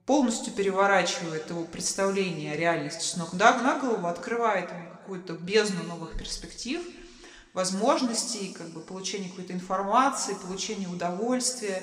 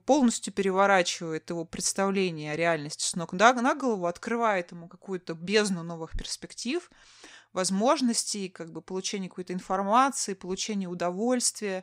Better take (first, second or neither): second